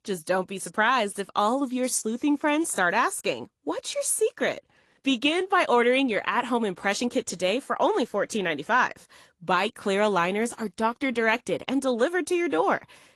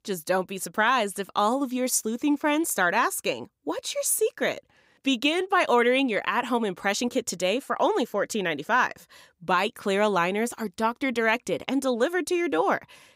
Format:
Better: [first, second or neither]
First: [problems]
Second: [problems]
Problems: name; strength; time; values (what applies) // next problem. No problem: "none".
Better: second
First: garbled, watery; slightly; nothing above 11.5 kHz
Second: none